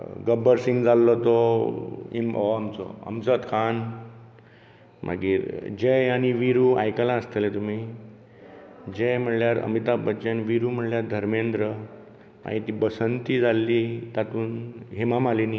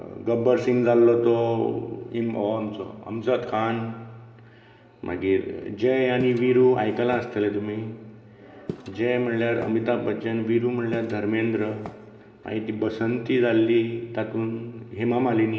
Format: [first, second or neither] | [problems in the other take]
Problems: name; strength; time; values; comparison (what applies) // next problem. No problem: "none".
first | background sound (Walk, footsteps); 18 dB below the speech // room echo; dies away in 1.4 s